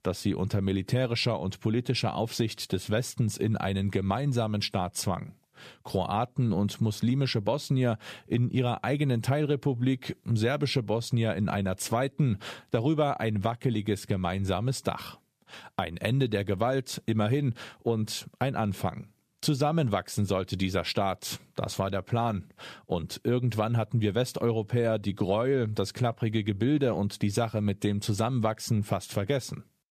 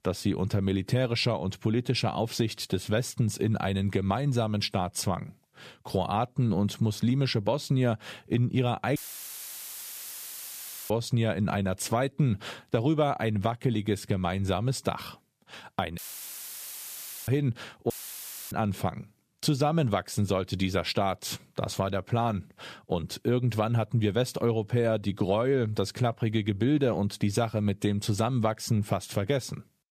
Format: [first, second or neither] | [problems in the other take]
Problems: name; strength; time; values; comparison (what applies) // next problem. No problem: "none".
first | audio cutting out; filled with static; at 9 s for 2 s, at 16 s for 1.5 s and at 18 s for 0.5 s